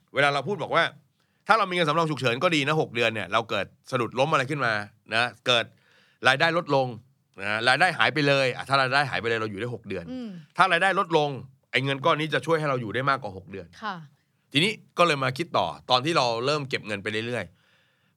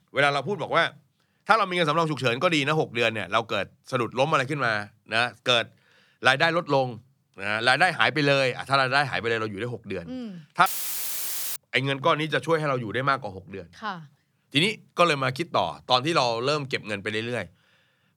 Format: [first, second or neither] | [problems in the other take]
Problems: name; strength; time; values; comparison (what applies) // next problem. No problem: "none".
first | audio cutting out; filled with static; at 11 s for 1 s